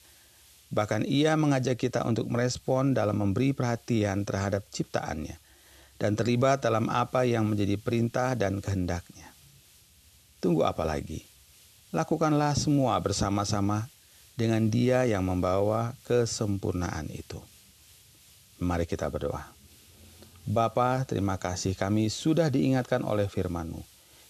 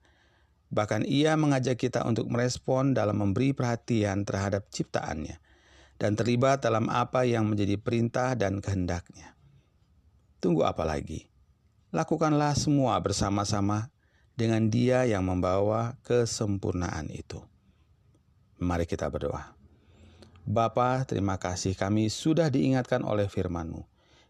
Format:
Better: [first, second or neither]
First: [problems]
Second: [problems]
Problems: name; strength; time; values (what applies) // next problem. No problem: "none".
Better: second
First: hiss; faint; throughout; 25 dB below the speech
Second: none